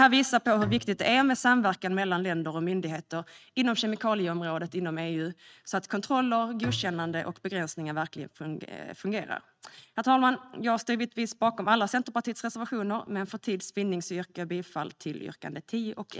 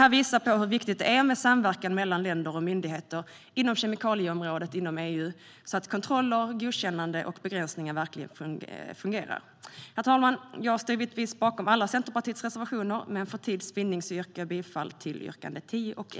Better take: second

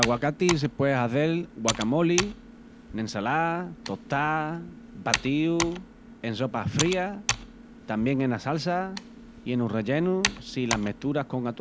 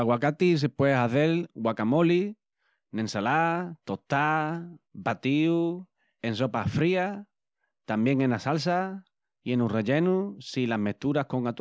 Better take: second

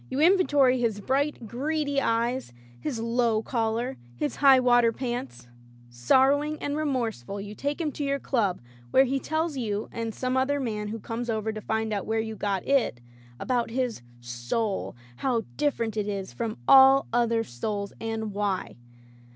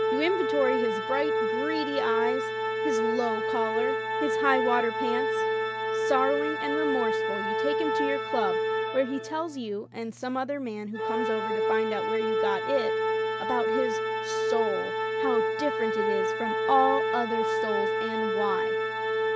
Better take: first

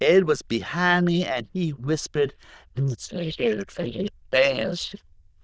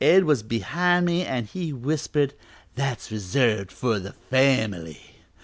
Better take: second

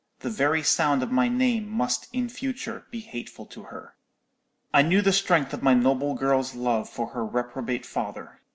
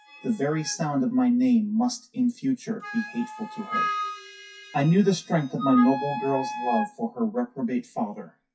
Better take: first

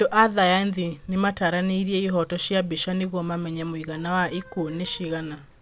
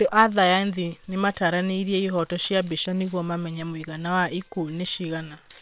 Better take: first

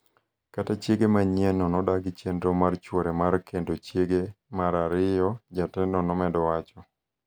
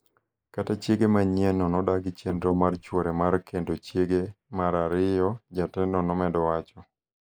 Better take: first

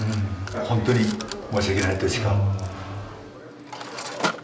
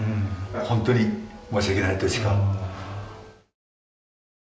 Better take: second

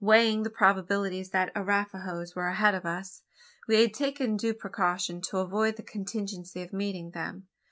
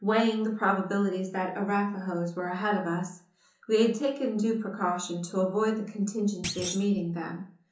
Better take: first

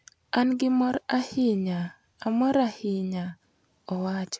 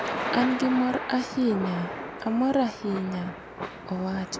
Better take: first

